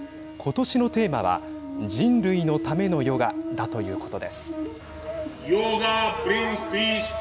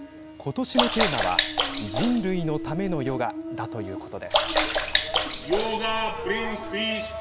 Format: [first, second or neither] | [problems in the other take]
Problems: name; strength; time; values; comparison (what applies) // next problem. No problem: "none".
first | background sound (Sink (filling or washing) / Water / Splash, splatter); 1 dB above the speech